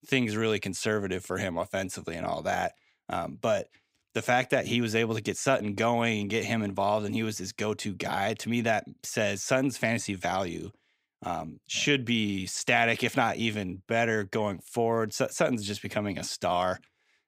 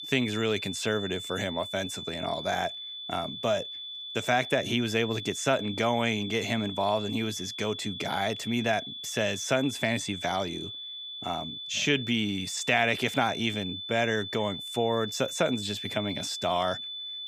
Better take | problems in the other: first | high-pitched whine; loud; throughout; 3.5 kHz, 7 dB below the speech

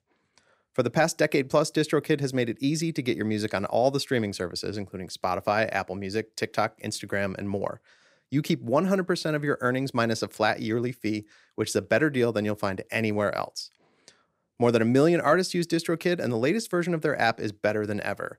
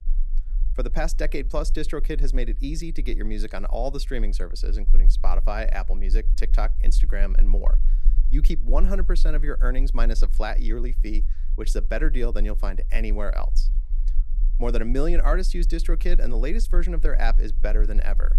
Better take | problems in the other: first | low rumble; faint; throughout; 20 dB below the speech

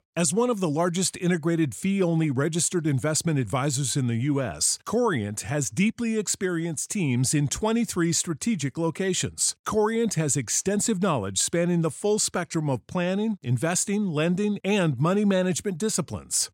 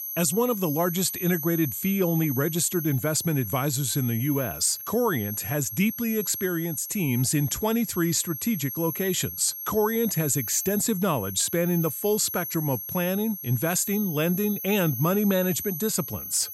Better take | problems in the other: first | high-pitched whine; loud; throughout; 12 kHz, 7 dB below the speech

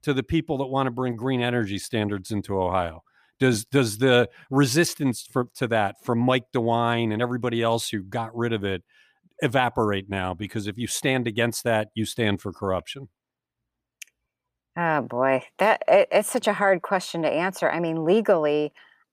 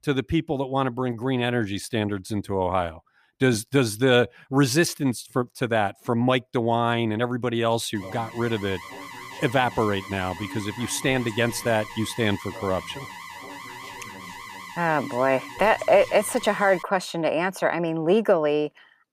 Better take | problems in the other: first | alarm; faint; from 8 to 17 s; peak 10 dB below the speech

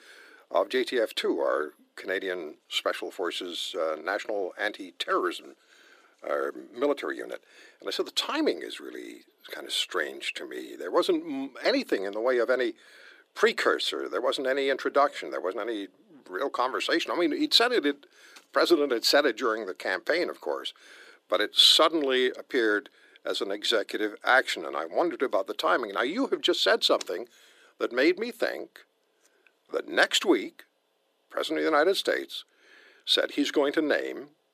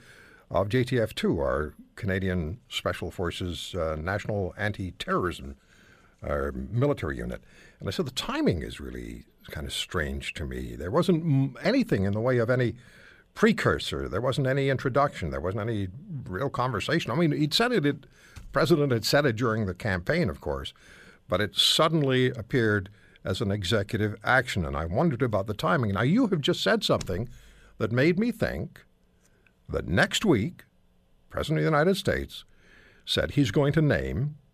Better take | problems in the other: second | thin; somewhat; fading below 300 Hz

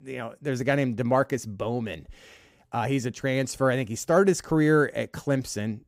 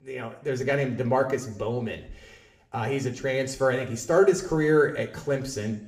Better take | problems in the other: first | room echo; very slight; dies away in 0.6 s // off-mic speech; somewhat distant

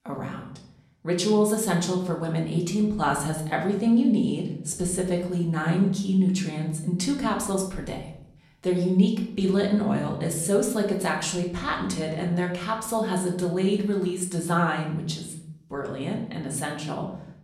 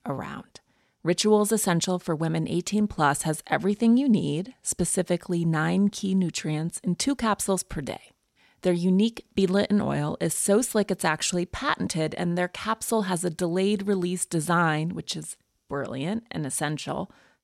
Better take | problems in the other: second | room echo; slight; dies away in 0.7 s // off-mic speech; somewhat distant

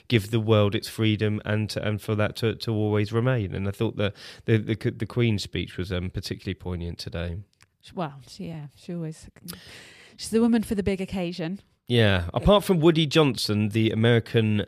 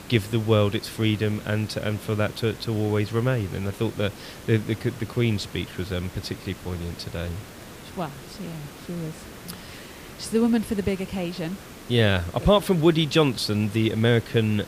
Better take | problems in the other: first | hiss; noticeable; throughout; 15 dB below the speech

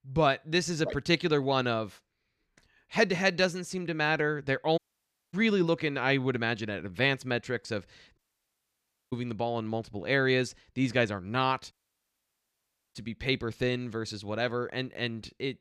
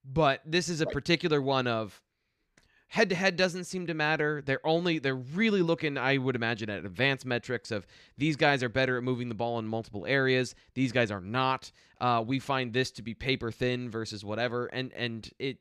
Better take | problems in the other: second | audio cutting out; at 5 s for 0.5 s, at 8 s for 1 s and at 12 s for 1 s

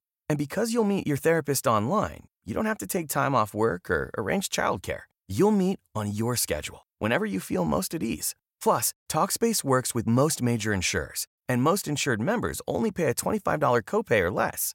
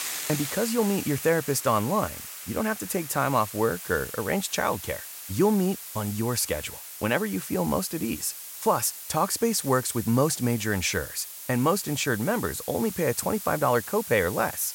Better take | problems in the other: first | hiss; loud; throughout; 9 dB below the speech

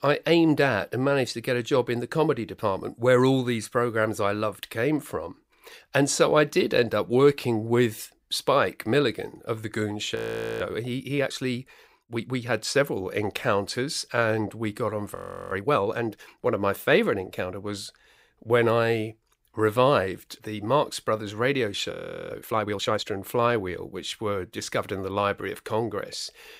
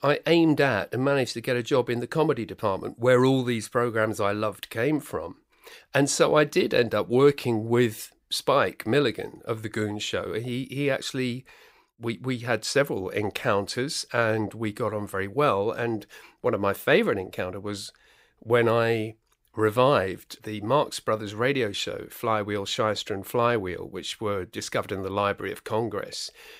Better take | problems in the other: second | audio freezing; at 10 s, at 15 s and at 22 s

